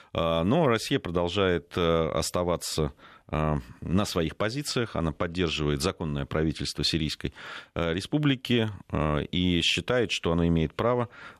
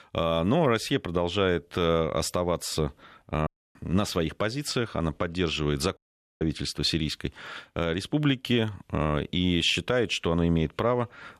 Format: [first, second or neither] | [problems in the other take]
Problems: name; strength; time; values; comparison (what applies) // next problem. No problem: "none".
first | audio cutting out; at 3.5 s and at 6 s